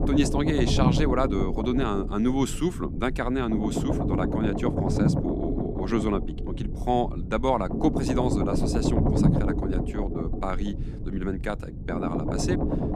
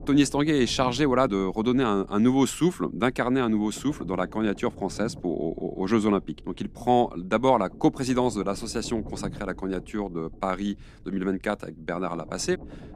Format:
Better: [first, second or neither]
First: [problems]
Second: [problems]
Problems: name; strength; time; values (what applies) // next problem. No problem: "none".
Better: second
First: low rumble; loud; throughout; 3 dB below the speech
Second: low rumble; faint; throughout; 20 dB below the speech